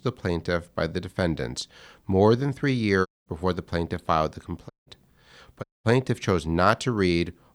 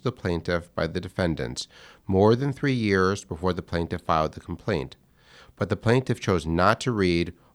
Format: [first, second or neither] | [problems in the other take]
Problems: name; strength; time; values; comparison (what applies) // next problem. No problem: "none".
second | audio cutting out; at 3 s, at 4.5 s and at 5.5 s